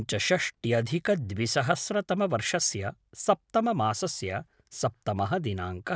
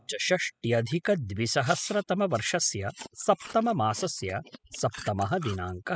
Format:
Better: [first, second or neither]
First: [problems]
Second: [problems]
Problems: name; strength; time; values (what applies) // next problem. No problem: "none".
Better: first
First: none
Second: noise reduction (classical method spectral subtraction)